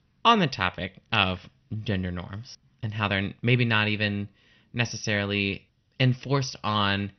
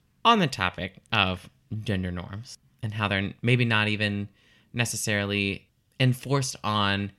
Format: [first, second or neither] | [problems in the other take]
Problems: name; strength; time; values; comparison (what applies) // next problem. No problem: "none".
second | garbled, watery; slightly; nothing above 6 kHz